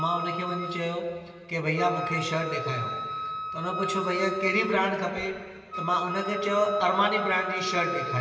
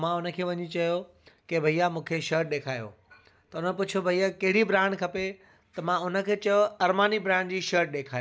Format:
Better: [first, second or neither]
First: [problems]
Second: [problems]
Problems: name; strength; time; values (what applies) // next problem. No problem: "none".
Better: second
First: background sound (Wind instrument, woodwind instrument); 6 dB below the speech // room echo; dies away in 2.5 s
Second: none